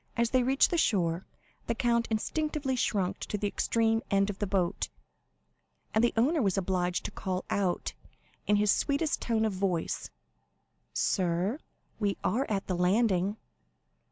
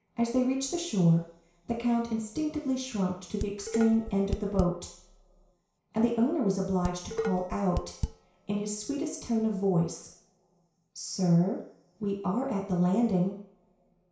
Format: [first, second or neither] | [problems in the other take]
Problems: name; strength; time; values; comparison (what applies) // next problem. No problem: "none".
first | background sound (Dishes, pots, and pans); 6 dB below the speech // room echo; dies away in 0.6 s